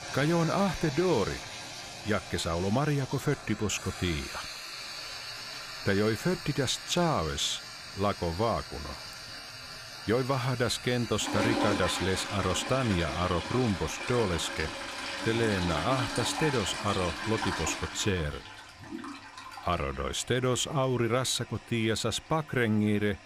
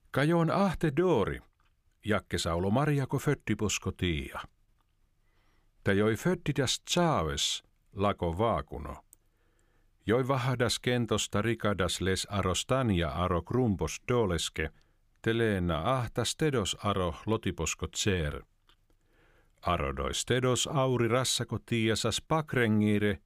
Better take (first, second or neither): second